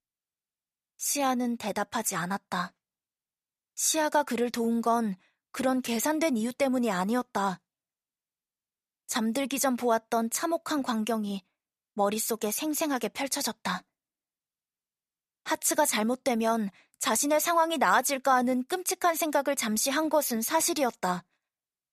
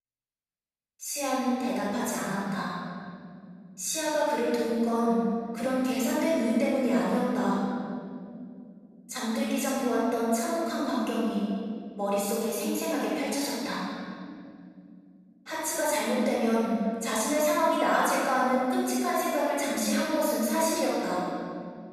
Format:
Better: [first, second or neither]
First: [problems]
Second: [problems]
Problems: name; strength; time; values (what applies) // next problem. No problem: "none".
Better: first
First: none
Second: room echo; strong; dies away in 2.5 s // off-mic speech; far